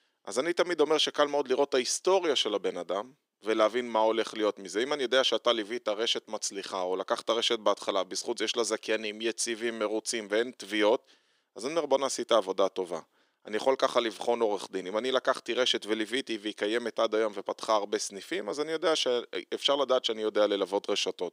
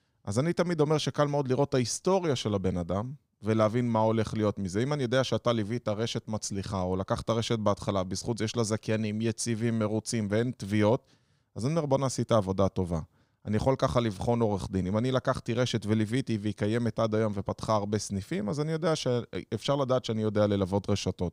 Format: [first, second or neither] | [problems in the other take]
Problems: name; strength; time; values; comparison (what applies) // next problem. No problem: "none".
second | thin; somewhat; fading below 350 Hz